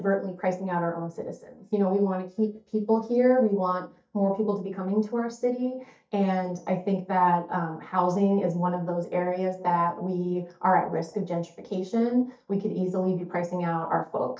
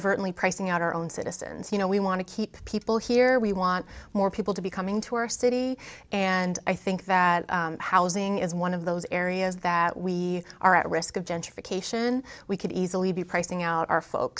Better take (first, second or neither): second